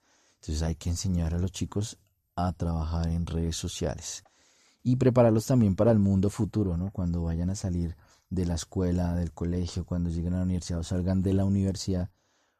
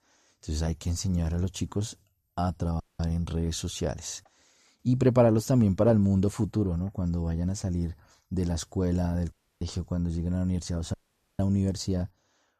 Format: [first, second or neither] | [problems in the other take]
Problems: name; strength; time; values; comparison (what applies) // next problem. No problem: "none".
first | audio cutting out; at 3 s, at 9.5 s and at 11 s